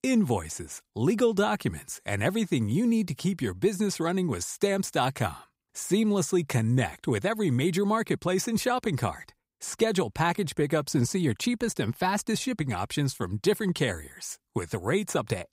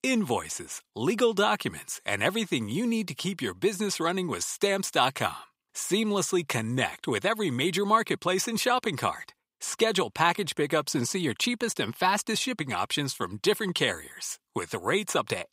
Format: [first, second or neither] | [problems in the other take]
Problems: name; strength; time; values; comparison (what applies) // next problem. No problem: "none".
first | thin; very slightly; fading below 350 Hz